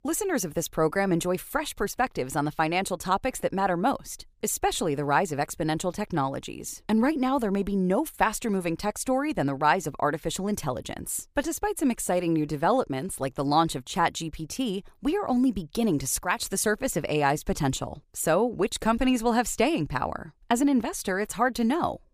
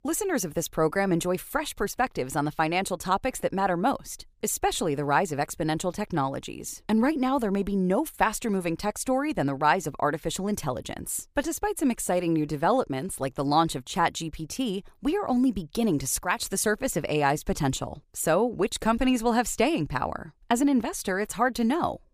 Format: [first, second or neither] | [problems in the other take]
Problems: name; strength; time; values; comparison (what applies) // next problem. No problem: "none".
neither | none